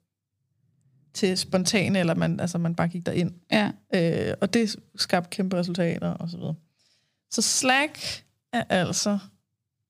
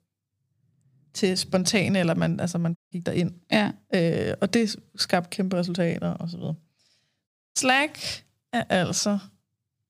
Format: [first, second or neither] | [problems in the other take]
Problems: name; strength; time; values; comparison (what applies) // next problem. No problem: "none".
first | audio cutting out; at 3 s and at 7.5 s